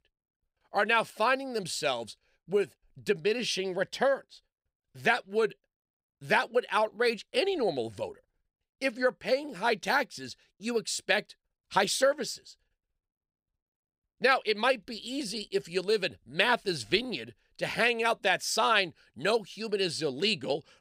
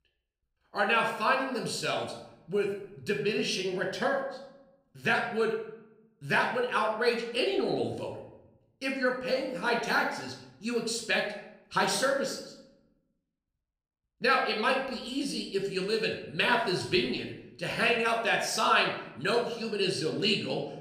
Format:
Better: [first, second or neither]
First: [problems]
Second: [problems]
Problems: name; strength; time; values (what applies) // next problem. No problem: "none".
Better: first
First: none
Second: room echo; slight; dies away in 0.7 s // off-mic speech; somewhat distant